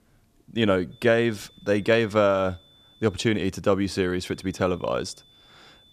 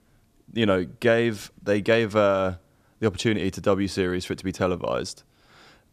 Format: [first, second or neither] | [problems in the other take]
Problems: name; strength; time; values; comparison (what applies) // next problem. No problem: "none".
second | high-pitched whine; faint; from 1 to 3 s and from 4.5 s on; 3.5 kHz, 30 dB below the speech